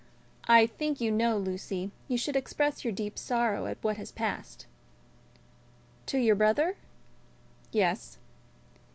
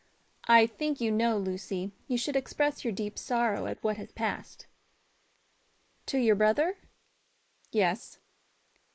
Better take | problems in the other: first | noise reduction (neural mask model Resemble Enhance denoiser)

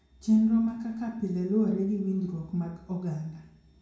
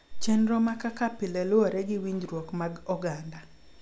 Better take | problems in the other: second | room echo; dies away in 0.5 s

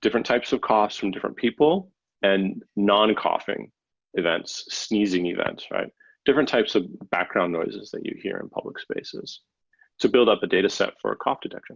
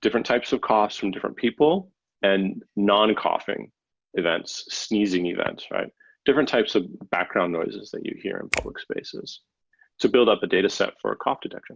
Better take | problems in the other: first | background sound (Finger snapping); 12 dB below the speech

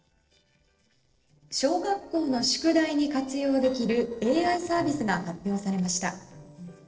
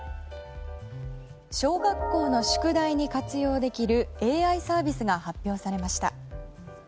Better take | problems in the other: second | noise reduction (neural separator model SepFormer DNS4)

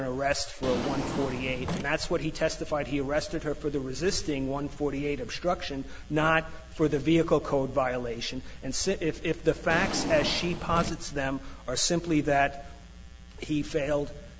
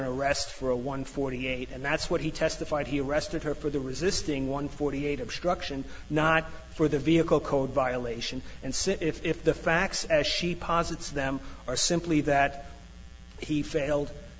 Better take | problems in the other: second | background sound (Drawer open or close); 6 dB below the speech

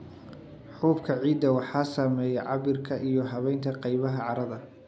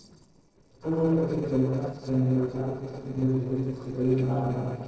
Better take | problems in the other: first | noise reduction (neural separator model SepFormer DNS4)

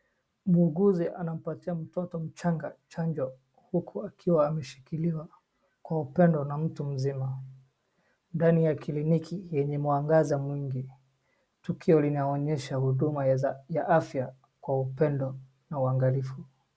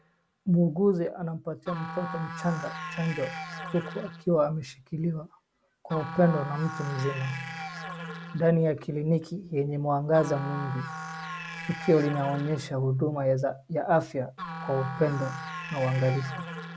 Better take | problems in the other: first | background sound (Musical instrument); 11 dB below the speech

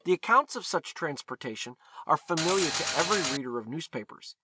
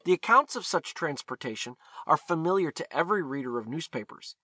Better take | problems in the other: second | background sound (Mechanisms); 1 dB below the speech

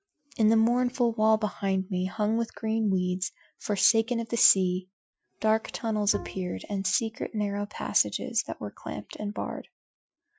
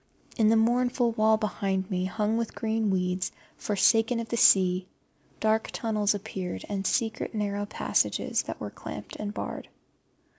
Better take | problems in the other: second | noise reduction (classical method Wiener filter)

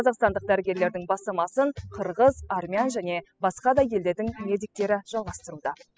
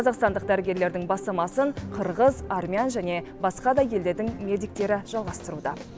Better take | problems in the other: second | noise reduction (classical method spectral subtraction)

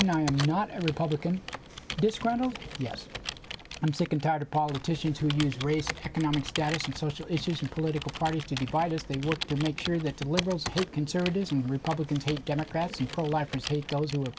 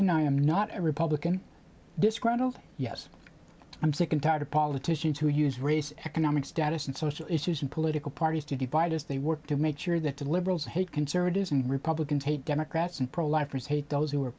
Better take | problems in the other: second | background sound (Computer keyboard); 10 dB below the speech

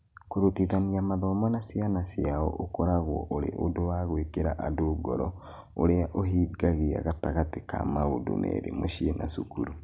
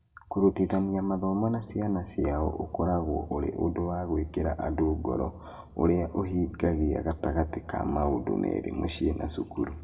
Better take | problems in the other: first | room echo; dies away in 1.3 s

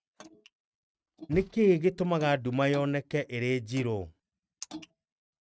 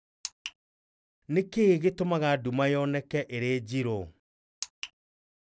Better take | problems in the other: second | noise reduction (neural mask model RNNoise)

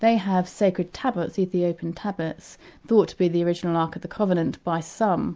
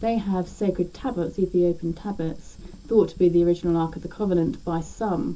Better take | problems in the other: first | background sound (Fire); 16 dB below the speech // room echo; dies away in 0.2 s

